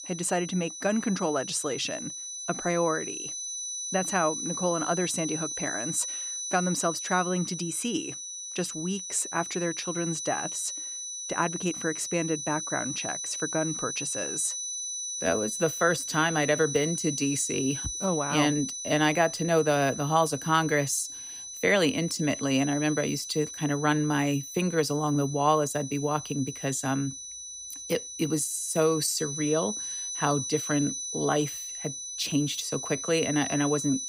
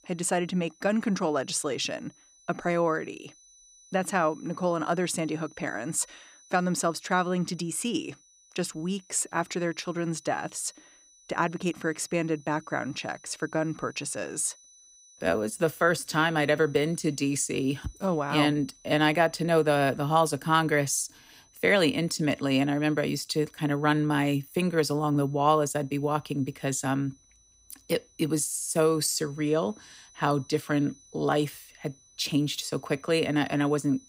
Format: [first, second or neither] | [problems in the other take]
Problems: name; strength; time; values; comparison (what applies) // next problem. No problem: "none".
second | high-pitched whine; loud; throughout; 6 kHz, 5 dB below the speech; faint in the second